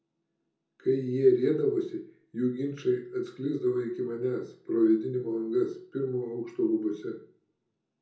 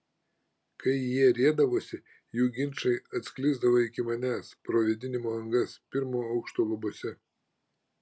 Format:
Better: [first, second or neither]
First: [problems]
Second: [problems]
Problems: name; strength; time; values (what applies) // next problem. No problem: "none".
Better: second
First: room echo; dies away in 0.5 s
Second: none